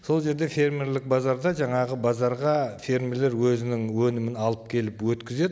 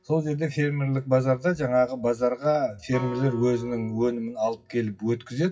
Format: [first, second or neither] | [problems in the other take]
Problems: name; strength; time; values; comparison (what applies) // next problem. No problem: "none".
first | noise reduction (classical method WPE with log-MMSE)